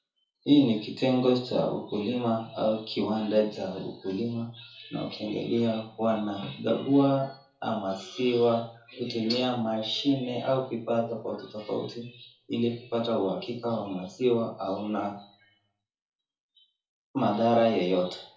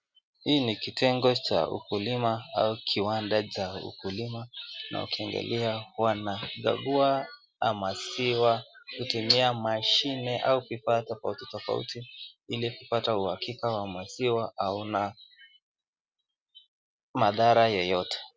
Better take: second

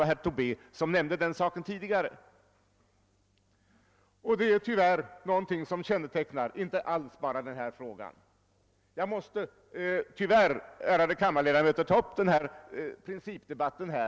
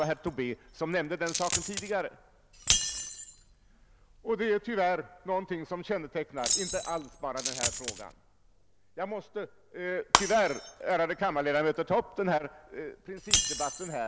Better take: first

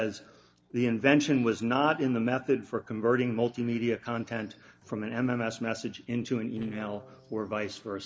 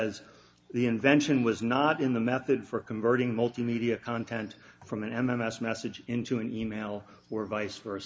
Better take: second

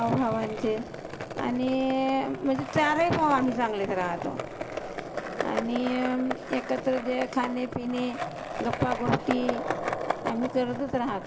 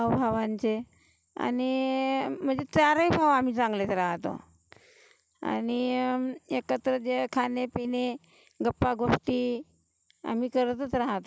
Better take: second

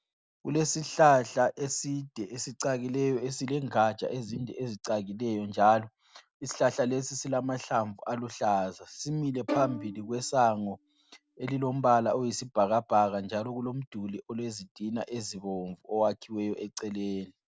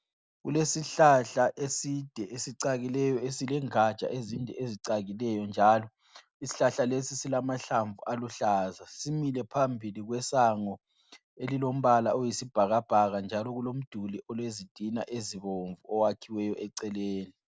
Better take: second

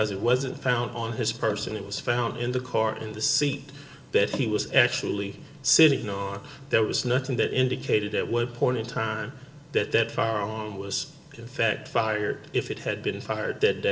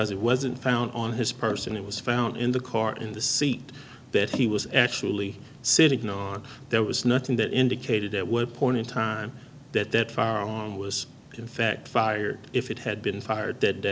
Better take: second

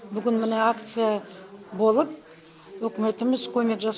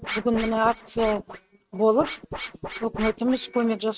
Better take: first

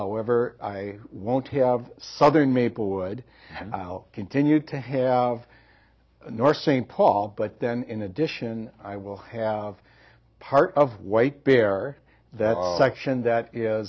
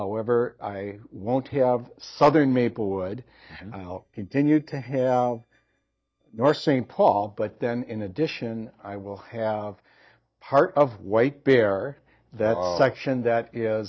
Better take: first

